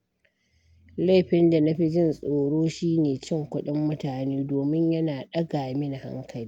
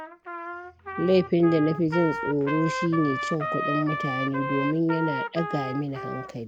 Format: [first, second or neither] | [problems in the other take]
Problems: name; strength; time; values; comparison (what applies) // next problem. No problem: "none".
first | background sound (Trumpet); 6 dB below the speech